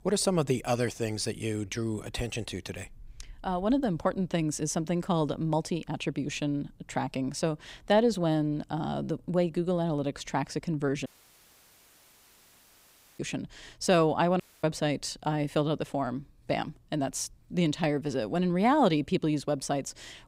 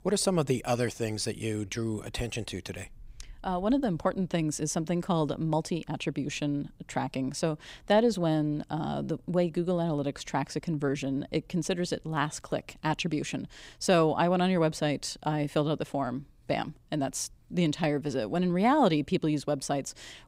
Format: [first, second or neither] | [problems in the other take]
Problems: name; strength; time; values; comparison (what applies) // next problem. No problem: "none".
second | audio cutting out; at 11 s for 2 s and at 14 s